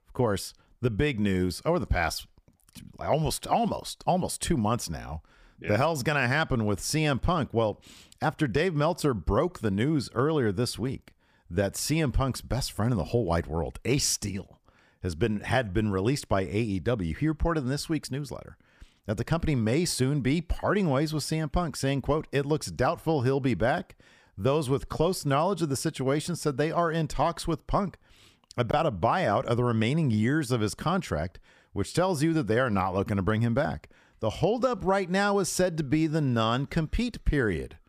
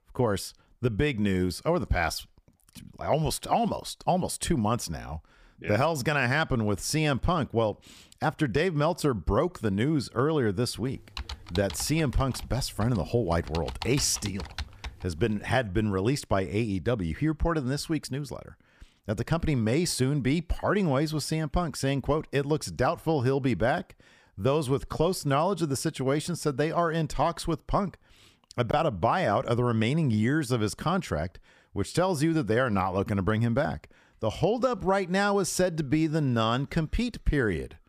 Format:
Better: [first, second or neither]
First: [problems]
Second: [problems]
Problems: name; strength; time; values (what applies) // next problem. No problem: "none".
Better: first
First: none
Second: keyboard typing; faint; from 11 to 15 s; peak 10 dB below the speech